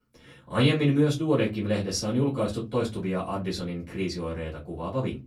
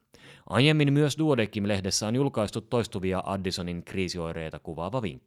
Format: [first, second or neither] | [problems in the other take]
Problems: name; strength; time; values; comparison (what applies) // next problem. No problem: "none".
second | off-mic speech; far // room echo; very slight; dies away in 0.2 s